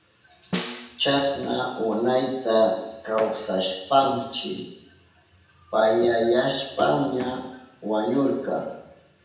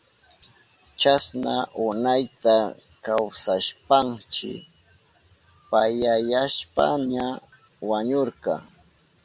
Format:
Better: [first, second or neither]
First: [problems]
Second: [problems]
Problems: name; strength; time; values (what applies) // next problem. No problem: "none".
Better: second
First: background sound (Snare drum); 9 dB below the speech // room echo; dies away in 0.9 s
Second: none